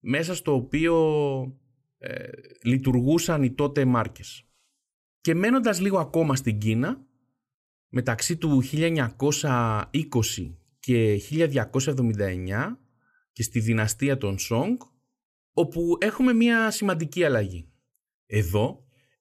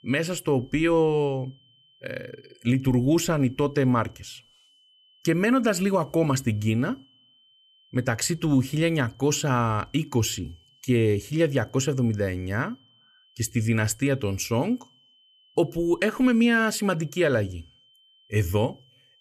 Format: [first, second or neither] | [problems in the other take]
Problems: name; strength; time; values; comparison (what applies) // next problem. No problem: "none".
first | high-pitched whine; faint; throughout; 3 kHz, 35 dB below the speech